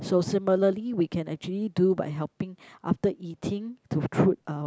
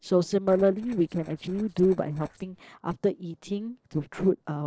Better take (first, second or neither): first